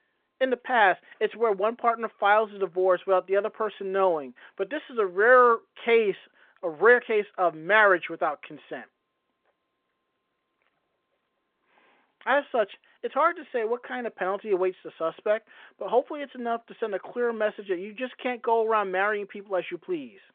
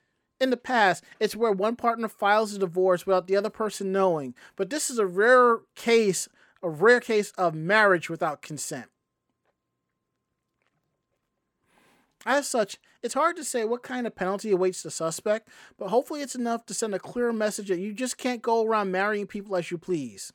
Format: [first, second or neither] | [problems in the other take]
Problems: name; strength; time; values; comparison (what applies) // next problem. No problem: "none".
second | phone-call audio